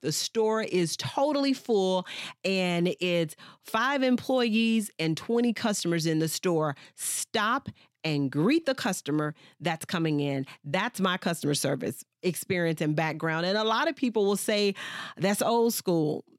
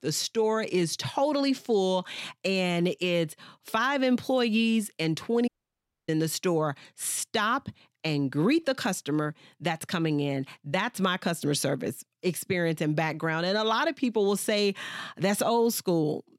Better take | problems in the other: first | audio cutting out; at 5.5 s for 0.5 s

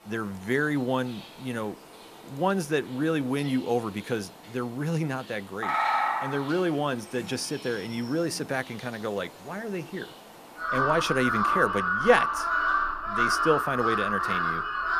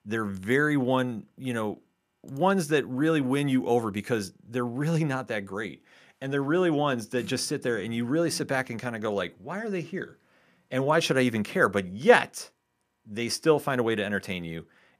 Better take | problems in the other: second | animal sounds; very loud; throughout; 2 dB above the speech

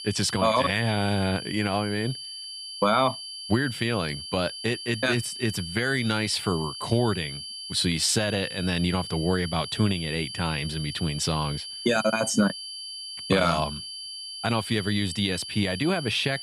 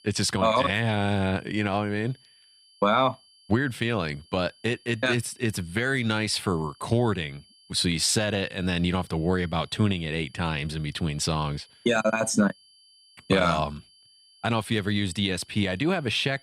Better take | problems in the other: second | high-pitched whine; loud; throughout; 4.5 kHz, 9 dB below the speech; faint in the second

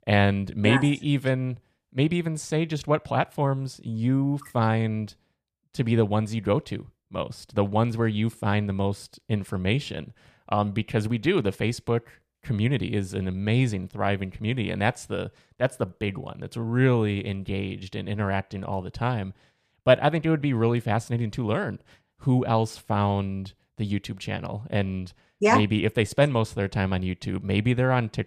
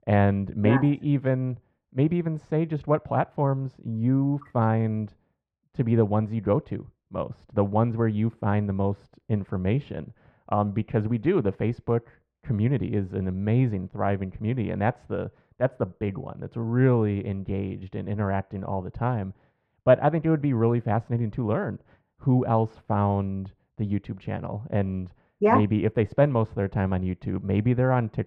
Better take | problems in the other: first | muffled; very; fading above 3.5 kHz

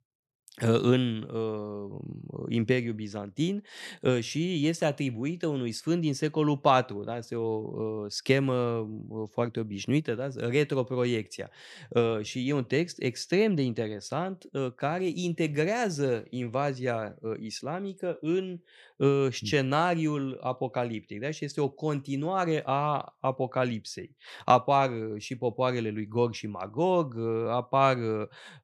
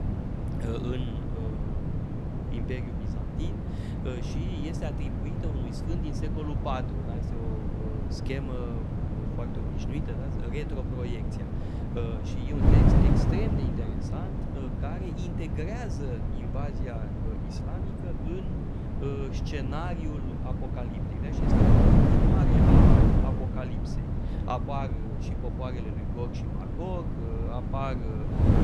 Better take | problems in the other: first | wind noise on the microphone; heavy; 3 dB above the speech

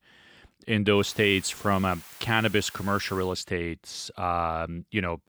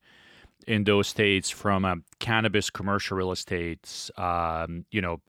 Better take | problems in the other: second | hiss; noticeable; from 1 to 3.5 s; 20 dB below the speech

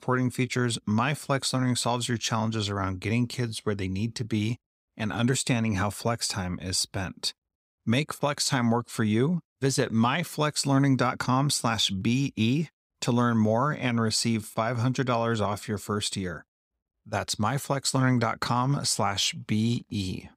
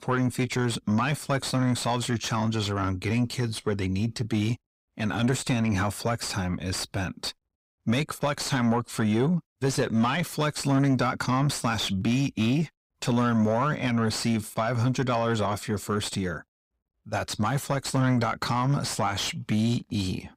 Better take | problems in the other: first | distortion; slight; 10 dB below the speech

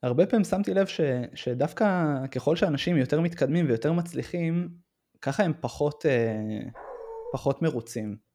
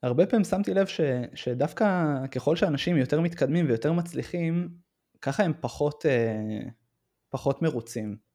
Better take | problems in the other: second | dog barking; faint; at 6.5 s; peak 10 dB below the speech

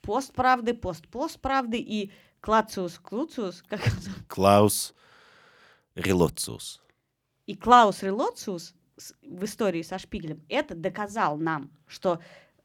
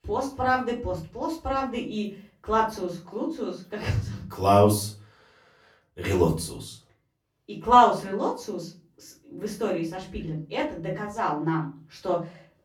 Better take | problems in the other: first | off-mic speech; far // room echo; slight; dies away in 0.3 s

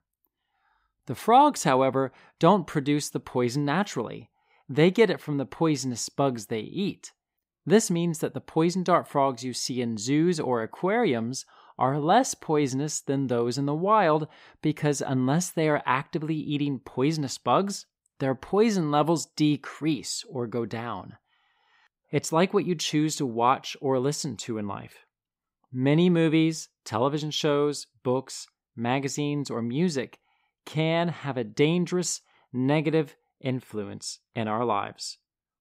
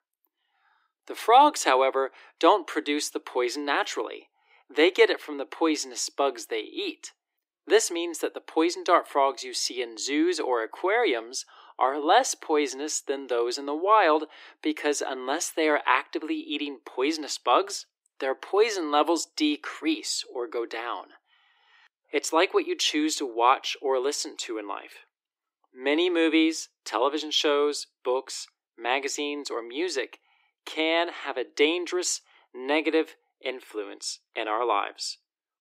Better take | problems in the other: first | thin; somewhat; fading below 300 Hz

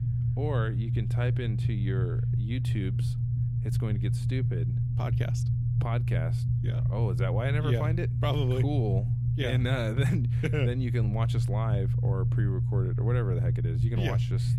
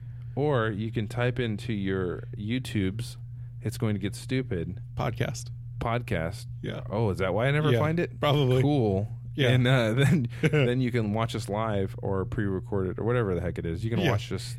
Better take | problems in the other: second | low rumble; loud; throughout; 4 dB below the speech; faint in the second

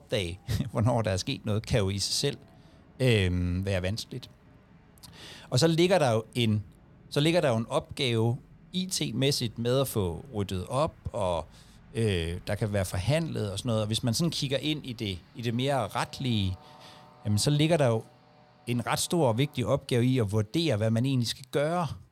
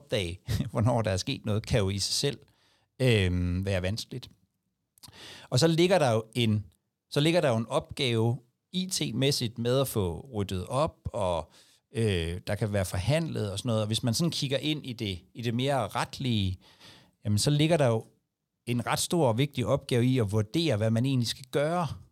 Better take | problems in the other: second | train or aircraft noise; faint; throughout; 25 dB below the speech

